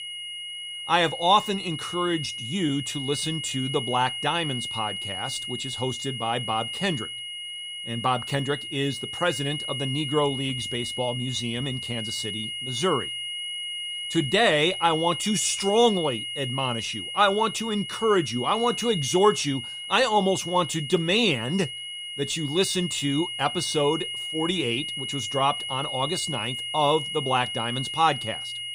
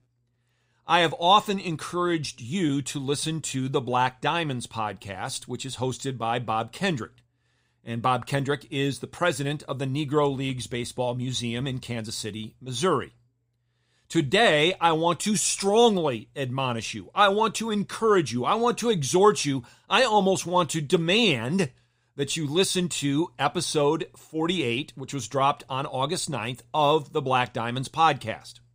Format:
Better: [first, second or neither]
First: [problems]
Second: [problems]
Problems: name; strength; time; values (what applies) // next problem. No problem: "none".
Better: second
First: high-pitched whine; loud; throughout; 3 kHz, 5 dB below the speech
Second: none